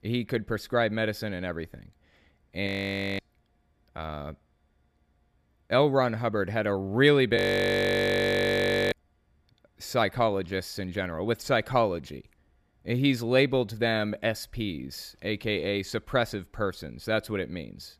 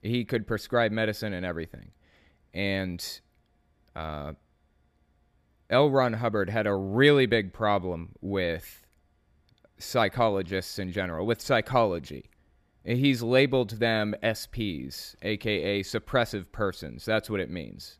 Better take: second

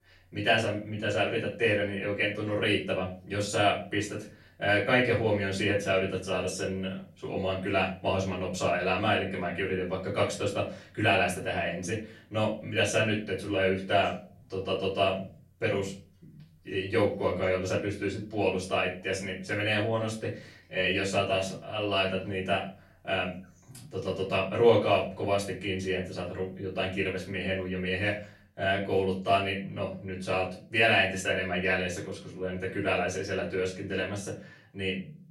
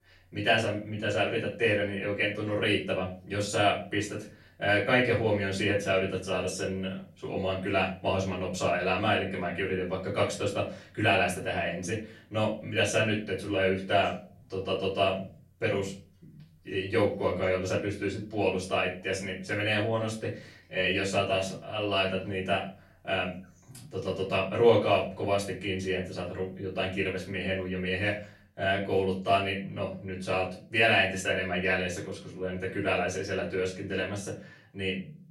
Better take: neither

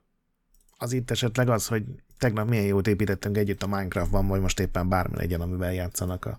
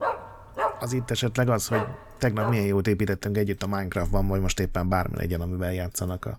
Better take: first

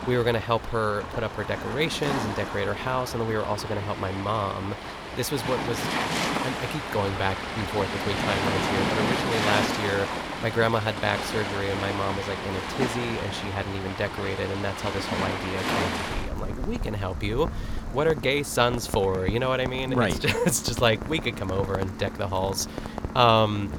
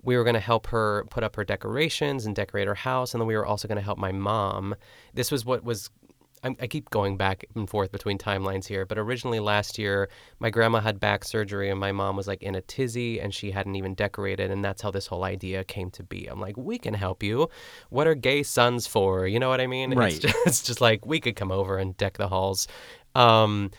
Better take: second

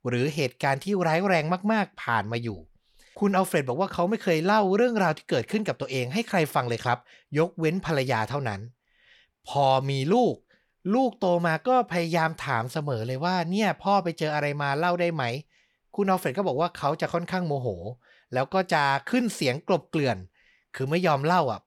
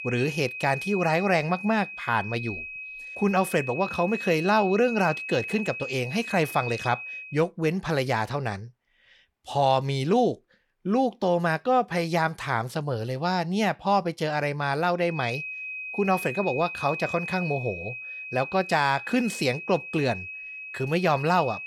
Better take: first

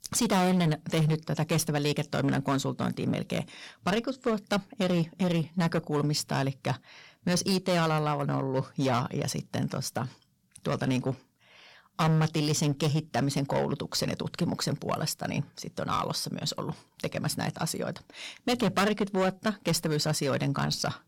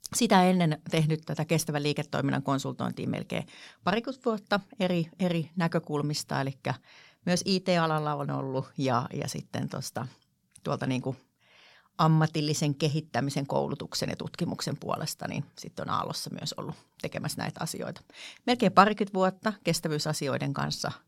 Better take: second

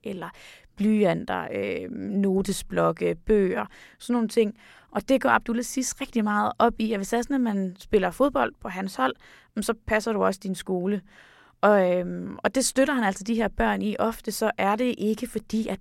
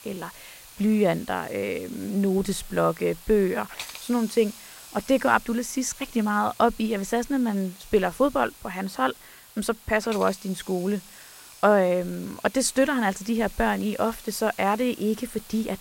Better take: first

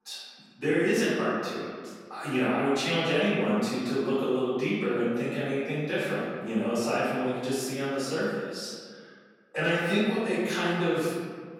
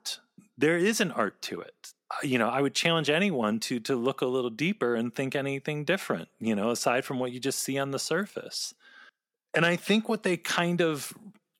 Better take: second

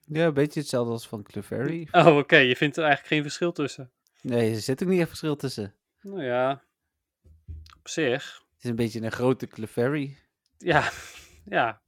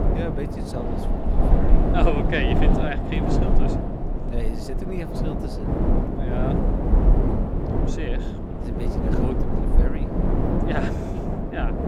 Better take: first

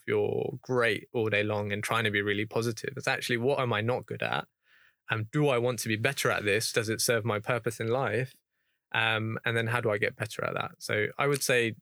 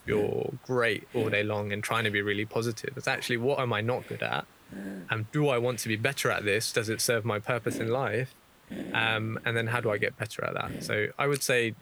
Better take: first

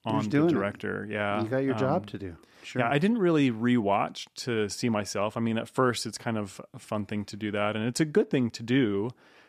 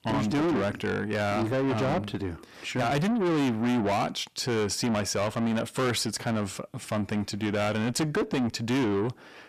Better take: first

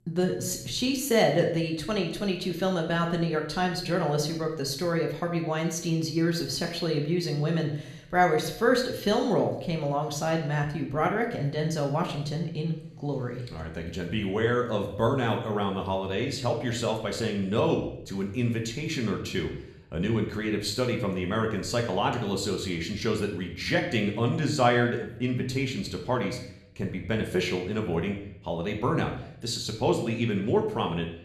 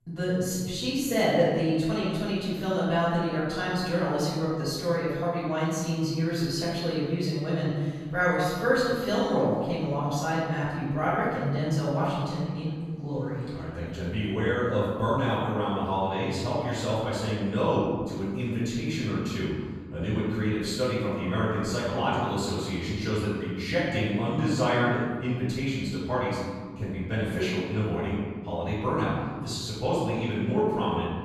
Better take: first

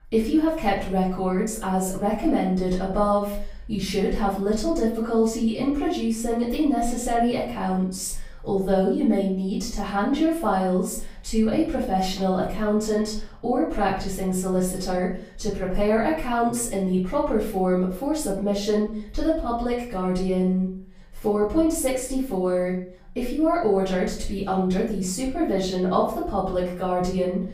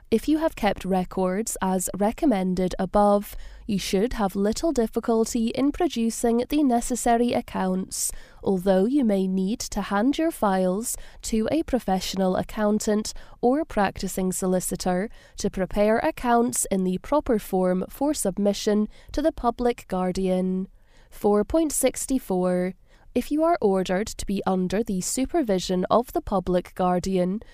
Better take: second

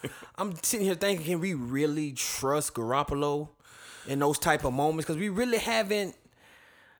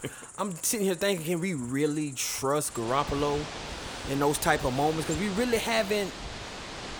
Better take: first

